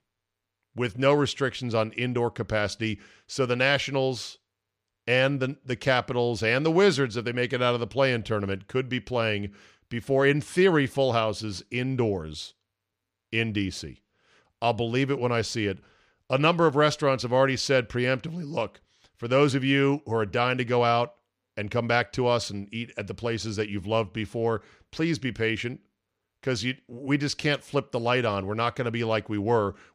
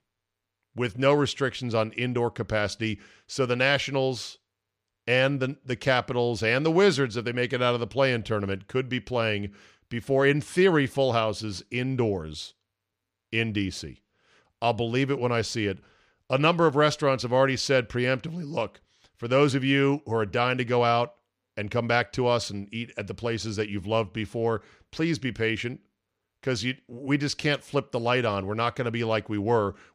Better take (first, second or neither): neither